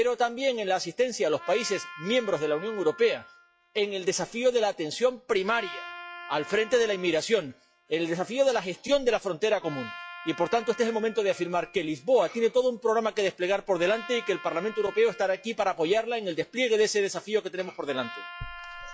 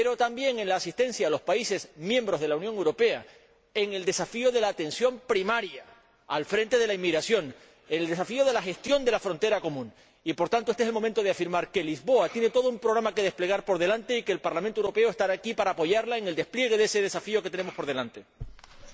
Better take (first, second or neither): second